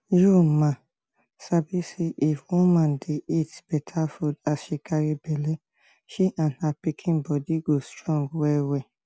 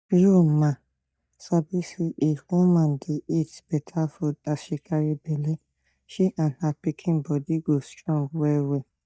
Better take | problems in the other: first | noise reduction (neural mask model DeepFilterNet 3)

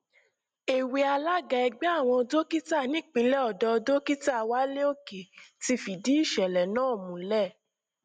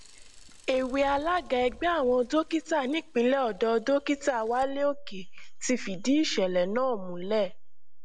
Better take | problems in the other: first | background sound (Mechanisms / Bicycle); 12 dB below the speech

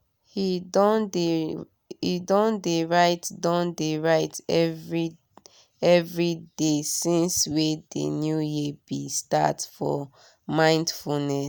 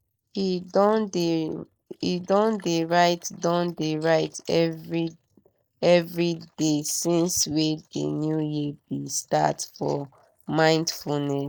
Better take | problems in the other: first | noise reduction (neural mask model Resemble Enhance denoiser)

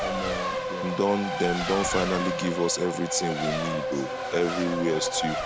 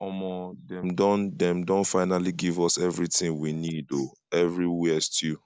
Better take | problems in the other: second | background sound (Race car, auto racing); 2 dB below the speech

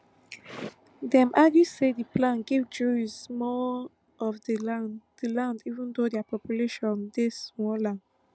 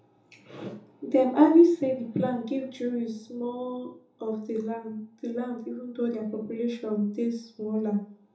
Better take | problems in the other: first | room echo; dies away in 1 s

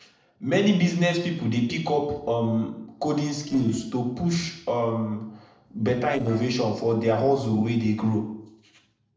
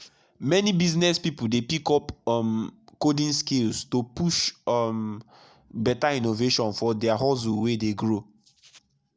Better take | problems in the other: second | noise reduction (neural separator model SepFormer DNS4)

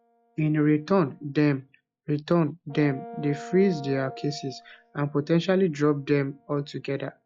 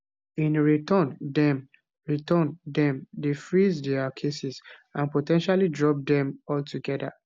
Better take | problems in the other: second | noise reduction (classical method log-MMSE)

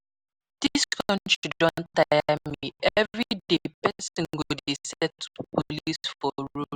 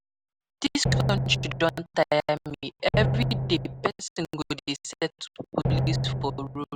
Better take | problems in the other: first | background sound (Drum); 3 dB above the speech

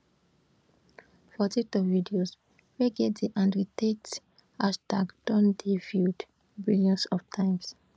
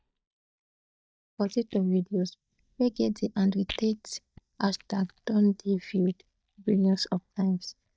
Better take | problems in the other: first | noise reduction (neural mask model DeepFilterNet 3)

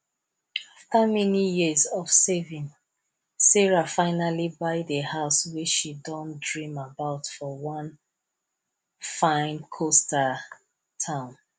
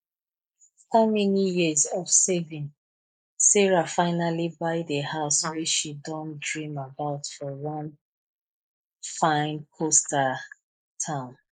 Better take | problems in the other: first | noise reduction (neural mask model Resemble Enhance denoiser)

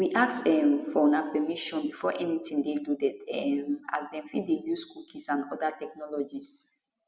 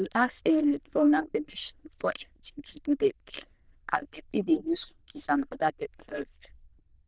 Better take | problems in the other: first | noise reduction (neural diffusion model UNIVERSE++)

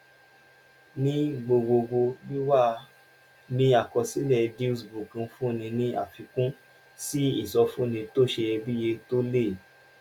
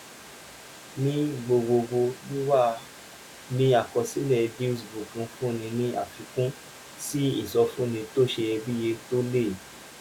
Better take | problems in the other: first | background sound (Water); 19 dB below the speech

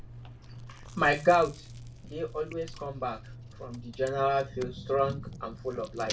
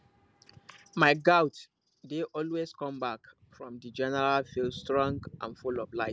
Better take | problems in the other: second | background sound (Chewing, mastication); 14 dB below the speech // room echo; dies away in 0.2 s

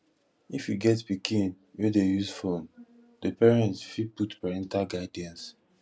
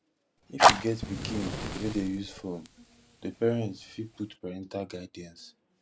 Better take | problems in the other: first | background sound (Fire); 5 dB above the speech

